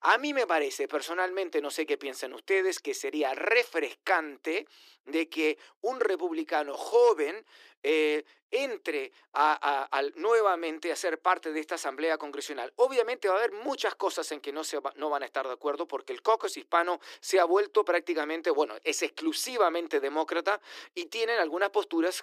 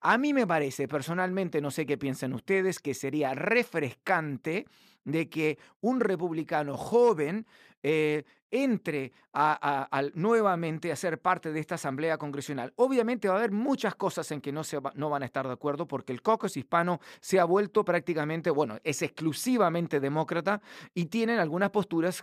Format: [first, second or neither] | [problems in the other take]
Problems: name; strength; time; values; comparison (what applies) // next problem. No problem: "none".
second | thin; very; fading below 300 Hz